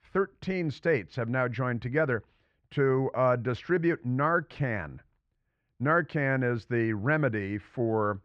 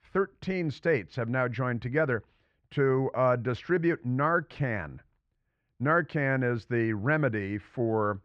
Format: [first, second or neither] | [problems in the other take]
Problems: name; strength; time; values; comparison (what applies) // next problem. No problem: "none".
neither | muffled; very; fading above 2 kHz; the same in both